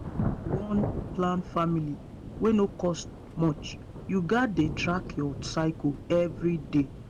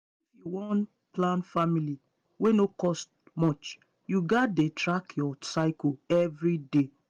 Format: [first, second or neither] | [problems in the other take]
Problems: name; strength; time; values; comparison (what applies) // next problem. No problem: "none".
second | background sound (Thunder / Rain); 8 dB below the speech